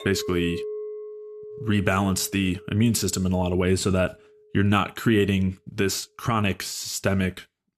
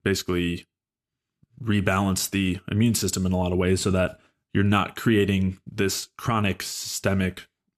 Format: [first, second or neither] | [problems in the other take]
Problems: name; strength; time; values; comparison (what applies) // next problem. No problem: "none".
second | clattering dishes; noticeable; until 3.5 s; peak 7 dB below the speech